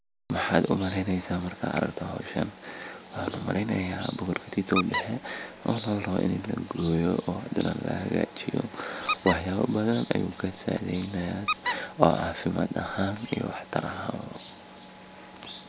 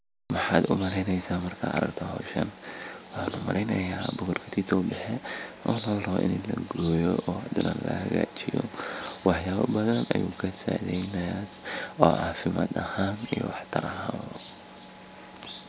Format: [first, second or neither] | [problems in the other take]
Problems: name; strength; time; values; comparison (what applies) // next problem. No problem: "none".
second | background sound (Squeak); 7 dB below the speech